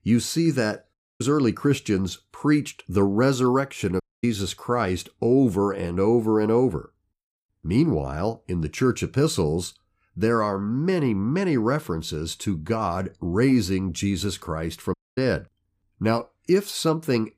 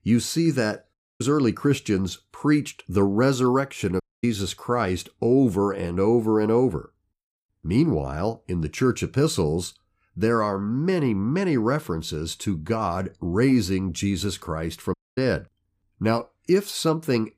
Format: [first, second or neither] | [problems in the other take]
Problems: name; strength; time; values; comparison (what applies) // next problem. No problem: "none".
neither | audio cutting out; at 1 s, at 4 s and at 15 s; the same in both